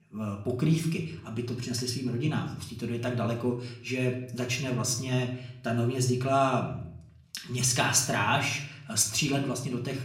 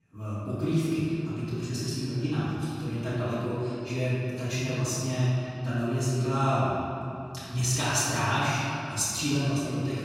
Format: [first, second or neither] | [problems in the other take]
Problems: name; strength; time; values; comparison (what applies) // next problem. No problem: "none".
first | room echo; strong; dies away in 2.5 s; slight in the first // off-mic speech; far; far in the first